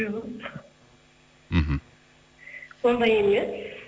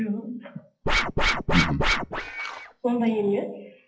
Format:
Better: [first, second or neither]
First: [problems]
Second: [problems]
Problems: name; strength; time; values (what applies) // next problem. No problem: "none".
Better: first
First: none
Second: noise reduction (classical method WPE with log-MMSE)